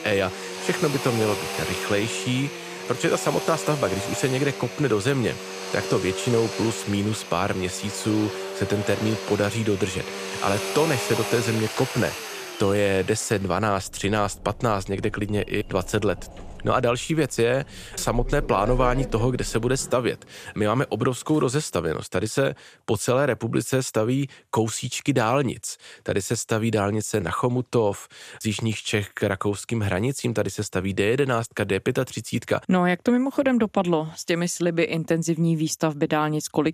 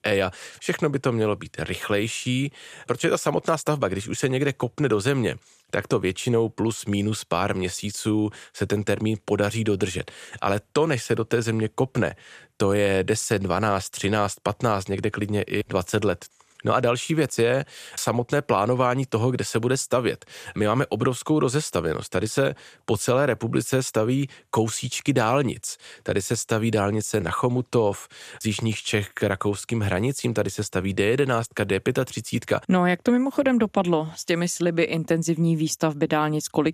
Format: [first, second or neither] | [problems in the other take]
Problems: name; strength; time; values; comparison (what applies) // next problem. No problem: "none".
second | household noises; loud; until 21 s; 7 dB below the speech